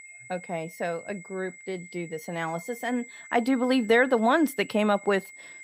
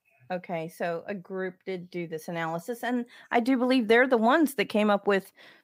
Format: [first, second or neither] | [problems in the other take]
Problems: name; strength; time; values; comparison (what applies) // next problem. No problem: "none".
second | high-pitched whine; noticeable; throughout; 2 kHz, 15 dB below the speech